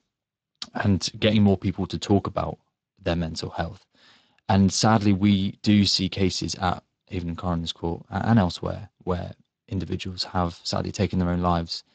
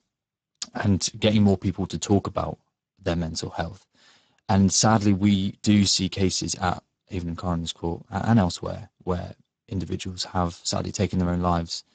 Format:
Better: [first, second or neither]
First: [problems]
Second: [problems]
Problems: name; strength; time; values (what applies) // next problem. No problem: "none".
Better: first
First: garbled, watery; slightly; nothing above 7.5 kHz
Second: garbled, watery; badly; nothing above 7.5 kHz